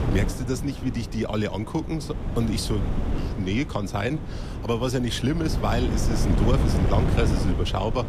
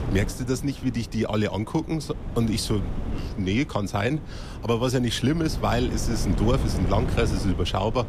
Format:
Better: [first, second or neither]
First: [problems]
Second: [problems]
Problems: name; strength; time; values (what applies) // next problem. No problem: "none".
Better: second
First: wind noise on the microphone; heavy; 6 dB below the speech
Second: wind noise on the microphone; occasional gusts; 10 dB below the speech